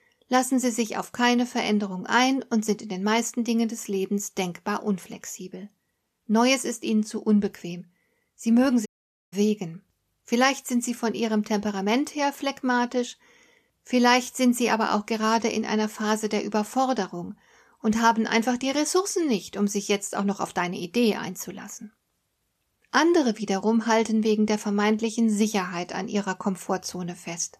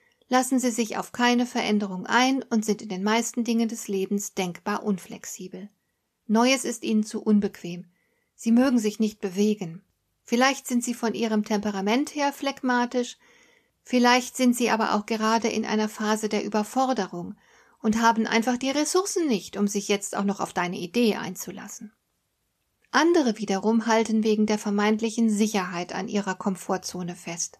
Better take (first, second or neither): second